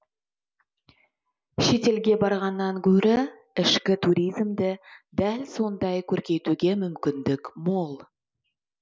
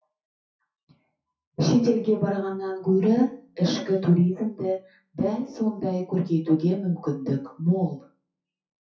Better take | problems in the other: first | noise reduction (classical method WPE with log-MMSE)

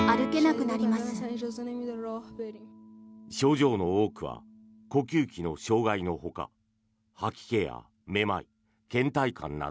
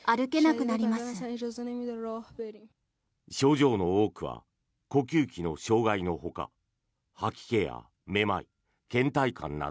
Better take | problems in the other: second | background sound (Guitar); 9 dB below the speech

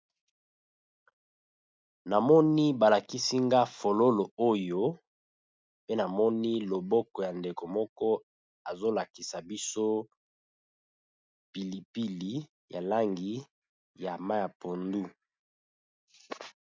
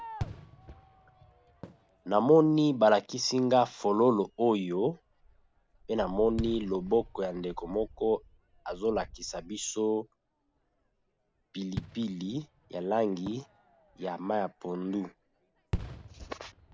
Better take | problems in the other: first | background sound (Fireworks); 15 dB below the speech

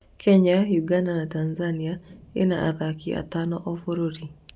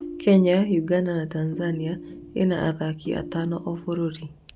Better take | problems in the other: first | background sound (Ringtone); 16 dB below the speech

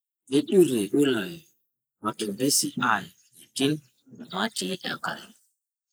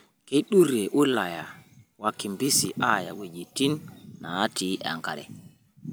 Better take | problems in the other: second | noise reduction (neural mask model Resemble Enhance denoiser)

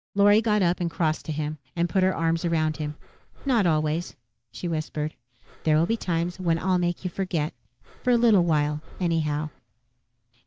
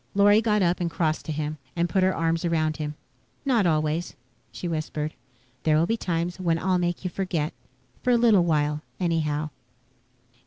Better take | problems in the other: second | noise reduction (neural mask model DeepFilterNet 3)

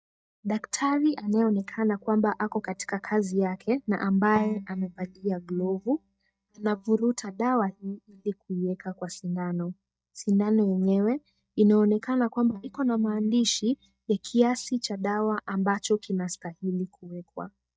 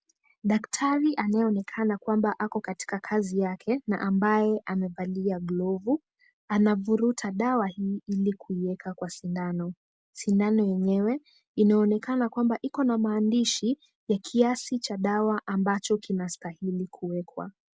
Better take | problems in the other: second | noise reduction (neural mask model DeepFilterNet 3)

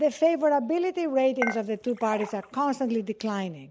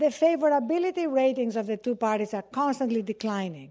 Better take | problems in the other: second | background sound (Dishes, pots, and pans / Chink, clink); 11 dB below the speech

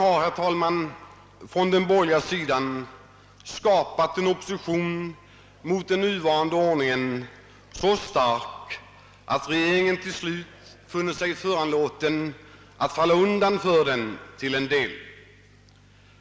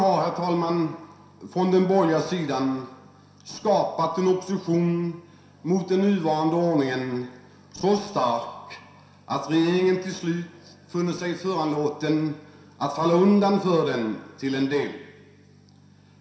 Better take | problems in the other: first | room echo; dies away in 0.7 s

